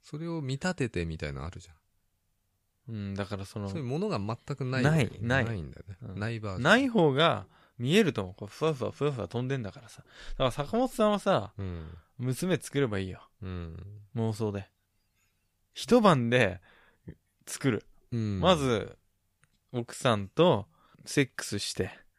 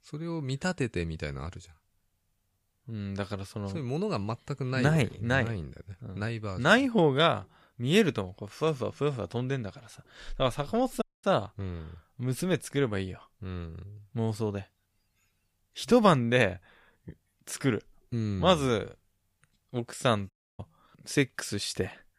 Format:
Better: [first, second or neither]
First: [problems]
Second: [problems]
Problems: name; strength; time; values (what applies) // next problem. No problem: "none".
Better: first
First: none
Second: audio cutting out; at 11 s and at 20 s